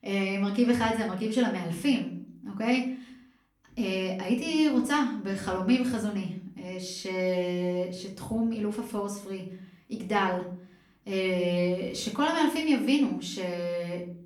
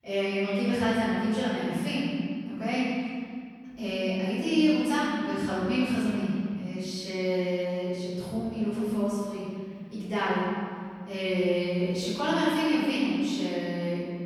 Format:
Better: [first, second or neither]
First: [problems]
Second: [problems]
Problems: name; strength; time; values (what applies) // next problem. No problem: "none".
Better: first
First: room echo; slight; dies away in 0.4 s // off-mic speech; far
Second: room echo; strong; dies away in 2.1 s // off-mic speech; far